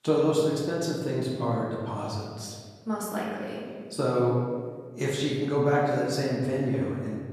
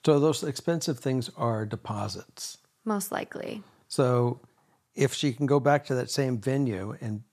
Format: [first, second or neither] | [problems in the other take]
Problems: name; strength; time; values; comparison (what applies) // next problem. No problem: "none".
second | room echo; noticeable; dies away in 1.6 s // off-mic speech; far